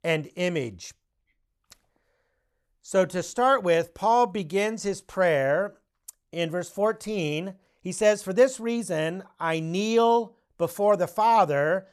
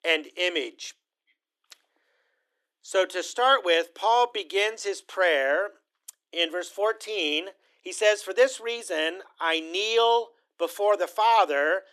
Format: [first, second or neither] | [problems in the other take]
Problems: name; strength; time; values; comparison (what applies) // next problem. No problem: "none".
first | thin; very; fading below 300 Hz